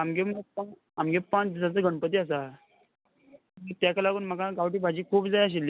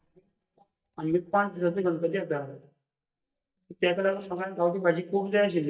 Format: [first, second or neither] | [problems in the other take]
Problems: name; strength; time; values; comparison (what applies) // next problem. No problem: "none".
first | noise reduction (neural mask model DeepFilterNet 3)